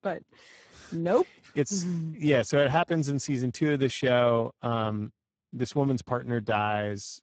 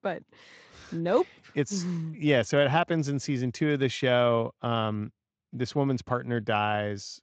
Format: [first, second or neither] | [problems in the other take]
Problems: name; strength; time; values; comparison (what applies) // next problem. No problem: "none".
second | garbled, watery; badly; nothing above 7.5 kHz; slightly in the second